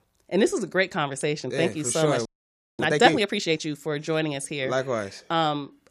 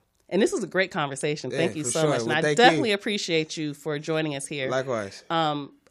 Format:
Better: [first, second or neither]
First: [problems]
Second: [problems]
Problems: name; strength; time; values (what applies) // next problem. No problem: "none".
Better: second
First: audio freezing; at 2.5 s for 0.5 s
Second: none